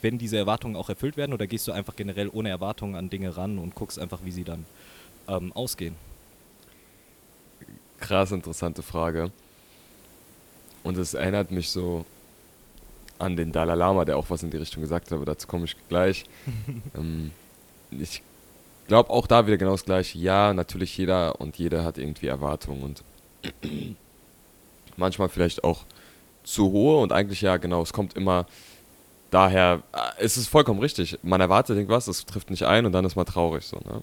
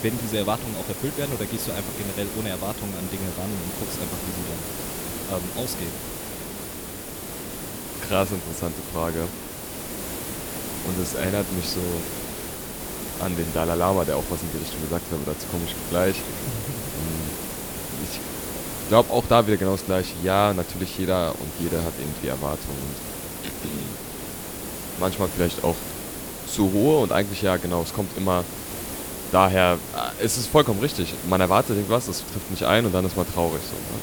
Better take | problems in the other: first | hiss; loud; throughout; 7 dB below the speech; faint in the first

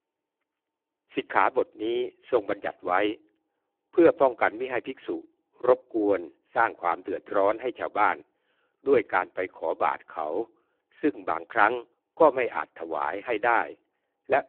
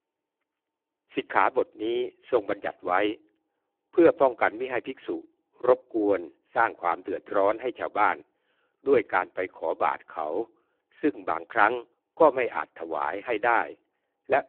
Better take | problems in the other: neither | phone-call audio; poor line; the same in both

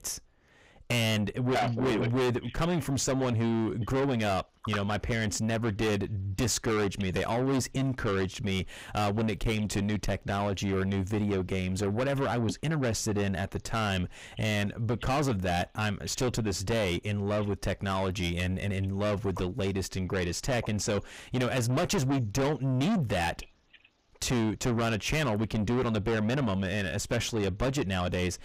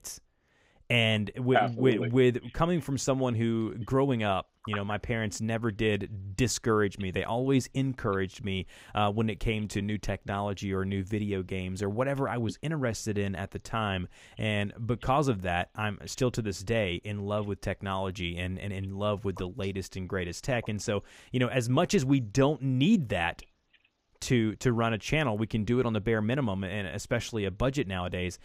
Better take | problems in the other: second | distortion; heavy; 6 dB below the speech

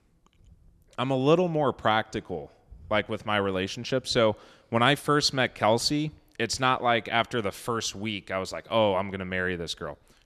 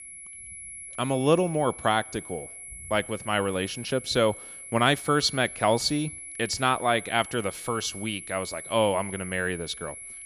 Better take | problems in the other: first | high-pitched whine; noticeable; throughout; 11 kHz, 10 dB below the speech

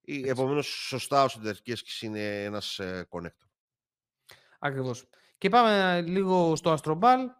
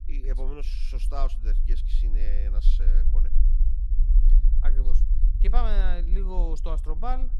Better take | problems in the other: first | low rumble; noticeable; throughout; 10 dB below the speech

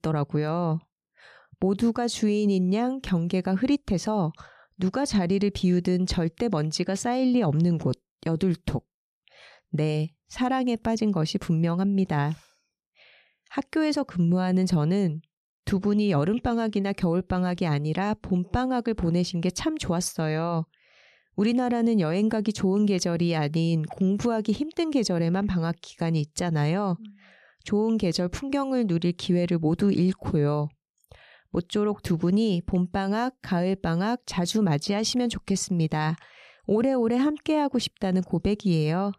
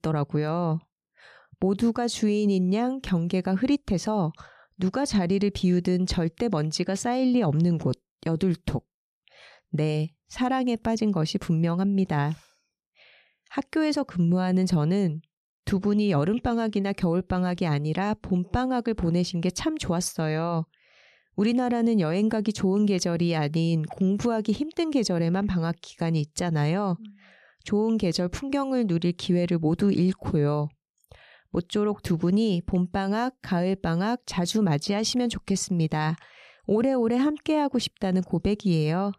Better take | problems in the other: neither | none

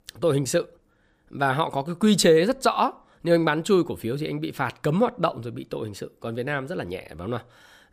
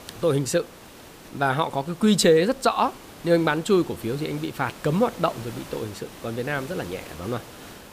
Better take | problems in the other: first | hiss; noticeable; throughout; 20 dB below the speech

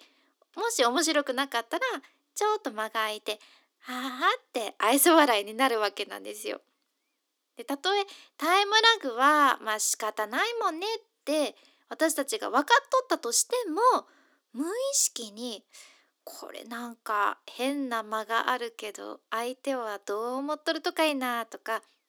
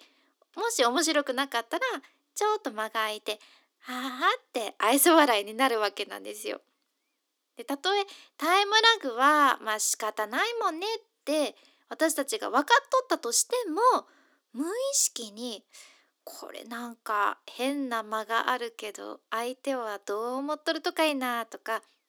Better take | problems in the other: neither | thin; very slightly; fading below 300 Hz; the same in both

